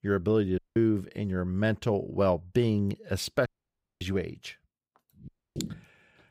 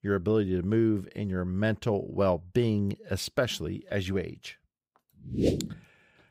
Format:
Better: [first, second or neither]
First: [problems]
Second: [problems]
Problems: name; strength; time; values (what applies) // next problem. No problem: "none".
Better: second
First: audio cutting out; at 0.5 s, at 3.5 s for 0.5 s and at 5.5 s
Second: none